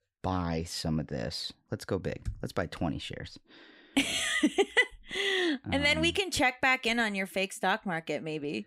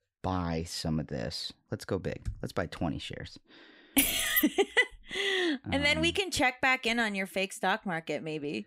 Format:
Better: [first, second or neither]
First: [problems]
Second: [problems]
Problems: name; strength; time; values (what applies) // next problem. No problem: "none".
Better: first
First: none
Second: jangling keys; loud; at 4 s; peak 1 dB above the speech